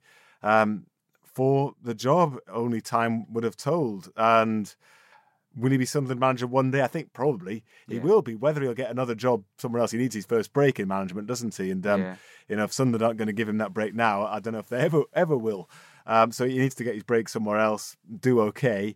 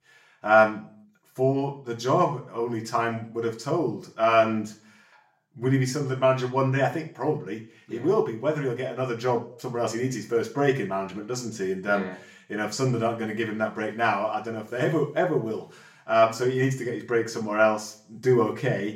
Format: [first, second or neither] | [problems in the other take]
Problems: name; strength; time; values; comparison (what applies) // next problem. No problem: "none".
first | room echo; slight; dies away in 0.4 s // off-mic speech; far